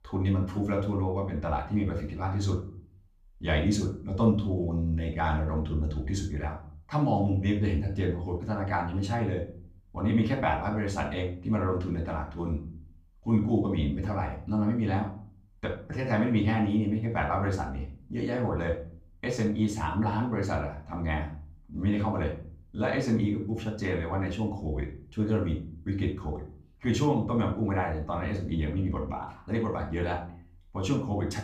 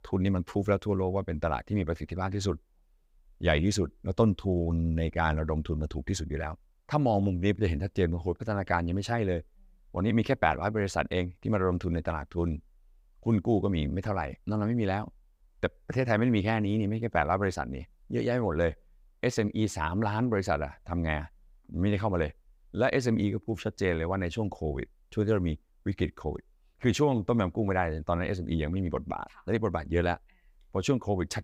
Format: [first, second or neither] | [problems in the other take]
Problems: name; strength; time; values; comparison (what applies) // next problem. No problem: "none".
second | off-mic speech; far // room echo; slight; dies away in 0.4 s